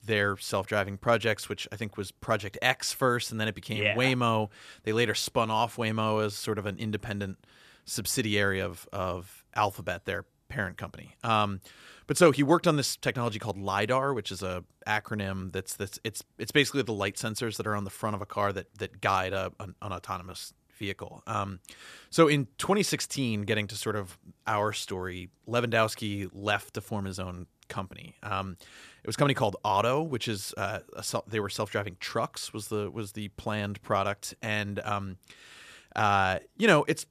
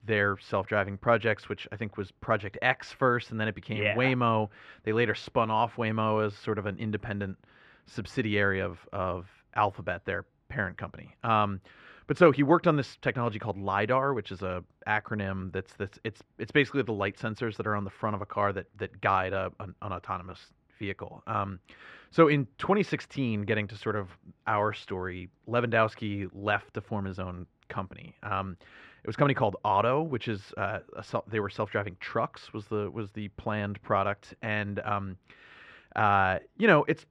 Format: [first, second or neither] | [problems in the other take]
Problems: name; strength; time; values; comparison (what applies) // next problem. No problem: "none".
first | muffled; very; fading above 2 kHz